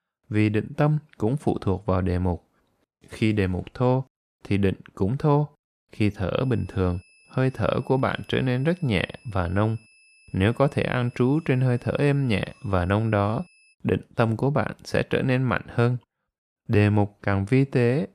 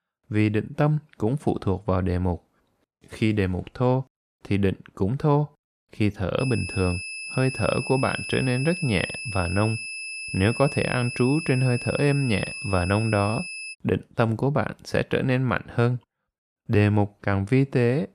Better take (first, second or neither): first